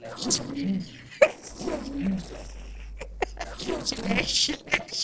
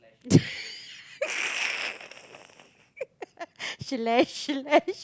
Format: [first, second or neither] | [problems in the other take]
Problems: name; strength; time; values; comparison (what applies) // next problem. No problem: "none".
second | noise reduction (neural separator model SepFormer DNS4)